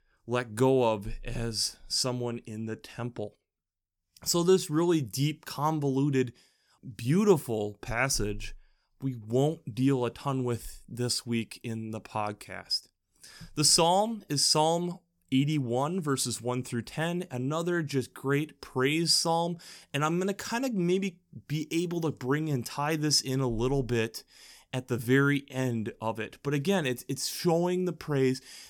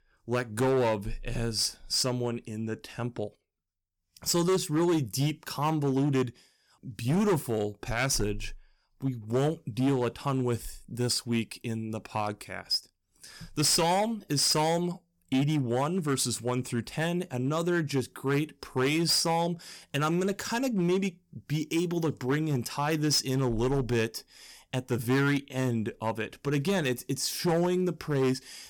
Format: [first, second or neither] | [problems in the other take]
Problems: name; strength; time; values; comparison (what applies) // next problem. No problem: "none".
first | distortion; slight; 7% of the sound clipped